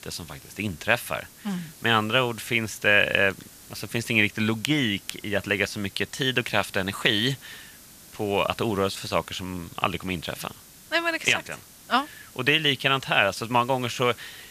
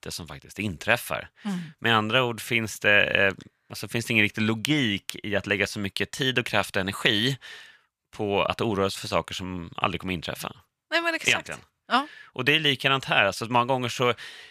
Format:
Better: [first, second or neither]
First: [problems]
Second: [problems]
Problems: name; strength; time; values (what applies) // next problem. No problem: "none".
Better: second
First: hiss; faint; throughout; 20 dB below the speech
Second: none